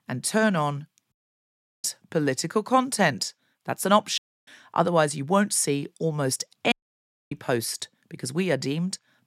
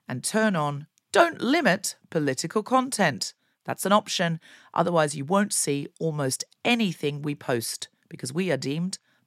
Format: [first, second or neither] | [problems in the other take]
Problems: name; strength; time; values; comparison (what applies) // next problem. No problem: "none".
second | audio cutting out; at 1 s for 0.5 s, at 4 s and at 6.5 s for 0.5 s